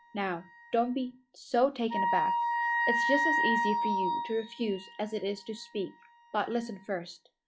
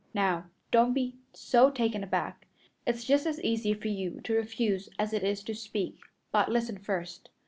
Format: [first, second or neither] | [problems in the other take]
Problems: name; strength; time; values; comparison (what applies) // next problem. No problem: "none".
second | noise reduction (classical method log-MMSE)